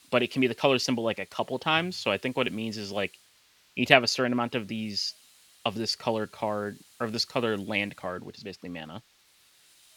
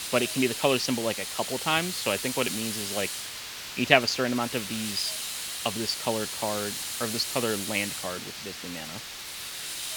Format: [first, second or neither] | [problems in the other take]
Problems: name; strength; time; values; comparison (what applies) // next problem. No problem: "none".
first | hiss; loud; throughout; 4 dB below the speech; faint in the first